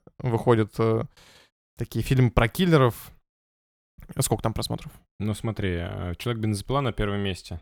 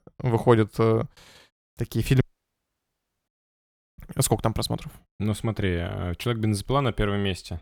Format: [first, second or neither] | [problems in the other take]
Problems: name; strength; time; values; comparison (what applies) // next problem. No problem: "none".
first | audio cutting out; at 2 s for 1 s